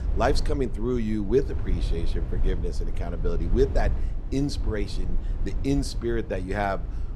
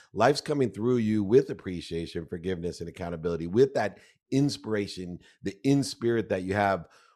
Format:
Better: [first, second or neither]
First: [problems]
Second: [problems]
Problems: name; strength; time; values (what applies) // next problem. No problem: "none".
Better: second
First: low rumble; noticeable; throughout; 15 dB below the speech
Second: none